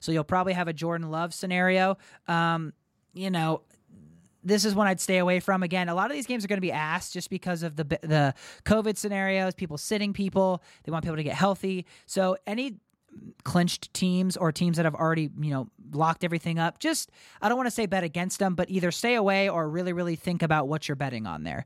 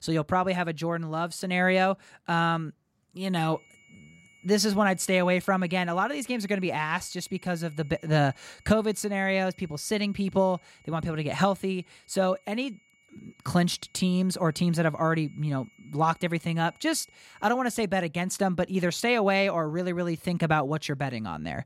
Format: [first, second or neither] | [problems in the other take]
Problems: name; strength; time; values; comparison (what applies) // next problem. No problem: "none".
first | high-pitched whine; faint; from 3.5 to 18 s; 2 kHz, 30 dB below the speech